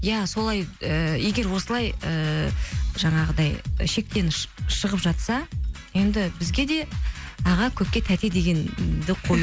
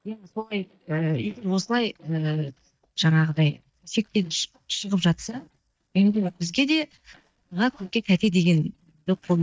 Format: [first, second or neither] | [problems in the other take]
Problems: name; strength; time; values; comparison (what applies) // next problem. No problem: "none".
first | noise reduction (neural mask model DeepFilterNet 3)